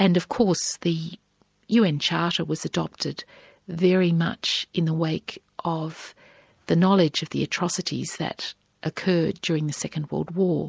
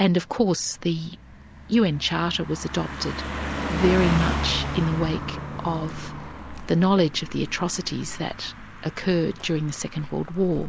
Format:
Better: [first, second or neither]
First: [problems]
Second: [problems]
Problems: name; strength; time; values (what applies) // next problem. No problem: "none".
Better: first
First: none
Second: background sound (Car passing by); 7 dB below the speech